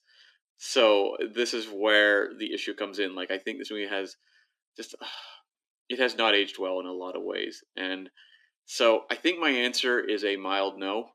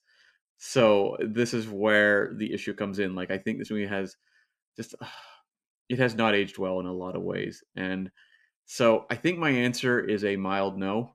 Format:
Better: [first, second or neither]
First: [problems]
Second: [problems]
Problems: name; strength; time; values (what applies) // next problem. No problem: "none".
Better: second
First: thin; somewhat; fading below 300 Hz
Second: none